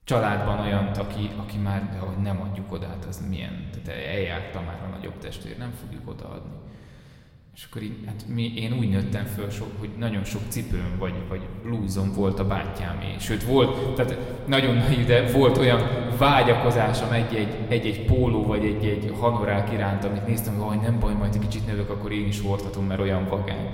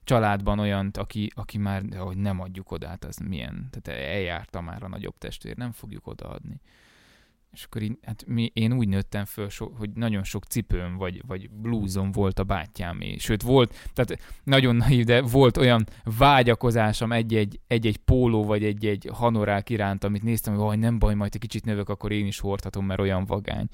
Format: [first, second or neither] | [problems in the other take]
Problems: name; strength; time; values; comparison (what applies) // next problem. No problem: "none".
second | room echo; slight; dies away in 2.2 s